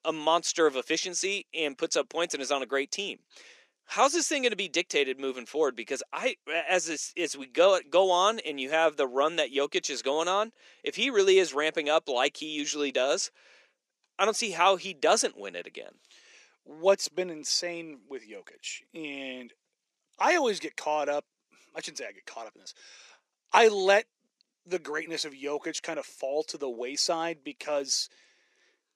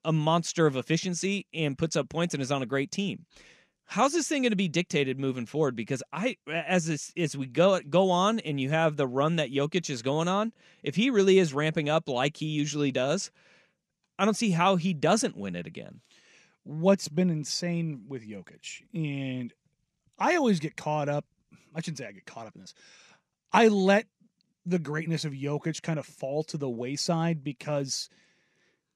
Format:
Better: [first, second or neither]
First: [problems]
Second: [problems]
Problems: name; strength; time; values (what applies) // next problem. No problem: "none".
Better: second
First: thin; very; fading below 350 Hz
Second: none